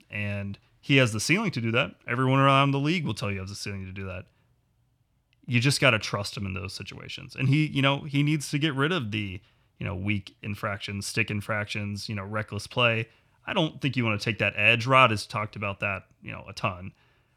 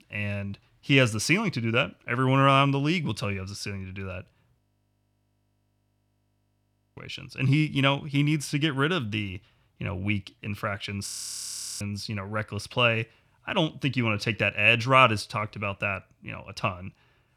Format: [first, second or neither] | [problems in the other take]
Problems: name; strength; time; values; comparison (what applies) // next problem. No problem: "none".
first | audio freezing; at 4.5 s for 2.5 s and at 11 s for 0.5 s